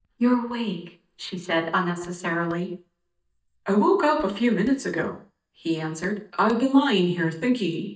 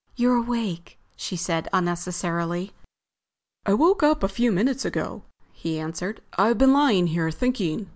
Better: second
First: noise reduction (neural mask model DeepFilterNet 3)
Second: none

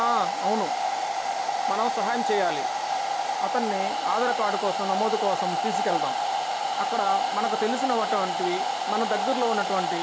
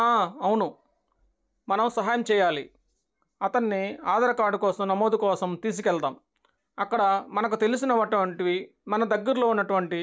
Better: second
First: background sound (Domestic sounds, home sounds); 2 dB above the speech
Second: none

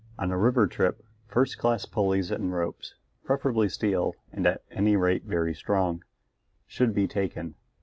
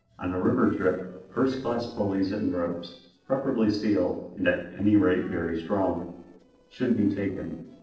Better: first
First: none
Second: noise reduction (neural separator model SepFormer DNS4)

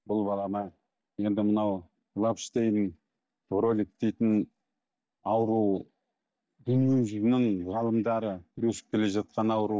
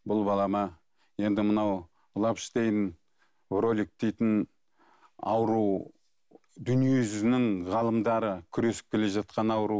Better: second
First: noise reduction (neural mask model DeepFilterNet 3)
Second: none

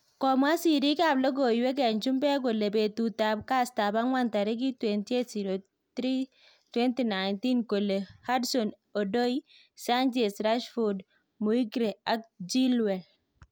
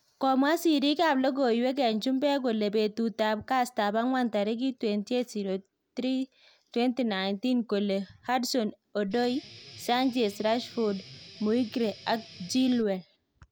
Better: first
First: none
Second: background sound (Guitar); 20 dB below the speech

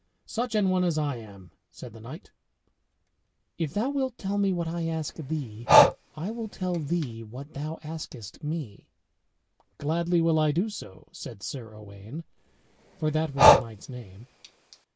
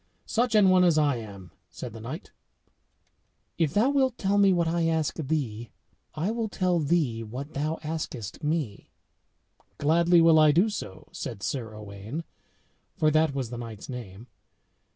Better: second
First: noise reduction (neural mask model Resemble Enhance denoiser)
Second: none

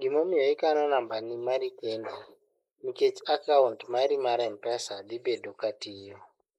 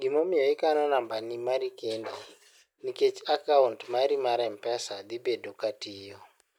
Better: second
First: noise reduction (neural mask model Resemble Enhance denoiser)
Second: none

